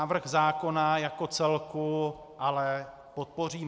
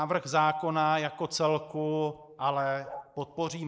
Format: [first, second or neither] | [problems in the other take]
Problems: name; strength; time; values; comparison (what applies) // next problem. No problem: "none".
first | noise reduction (neural mask model Resemble Enhance denoiser)